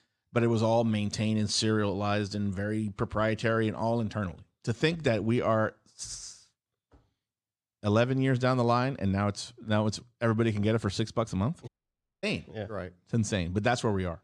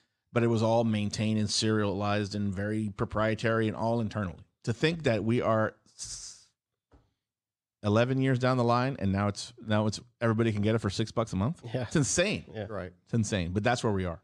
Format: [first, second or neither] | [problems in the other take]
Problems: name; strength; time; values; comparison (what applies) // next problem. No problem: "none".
second | audio cutting out; at 12 s for 0.5 s